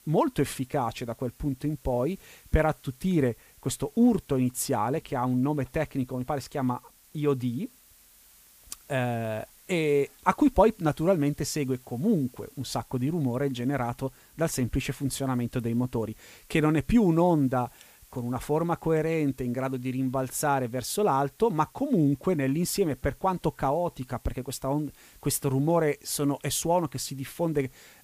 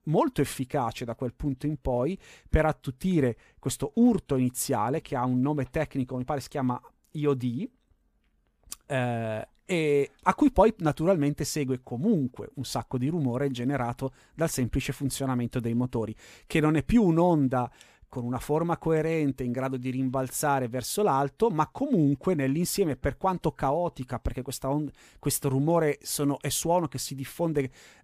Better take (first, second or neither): second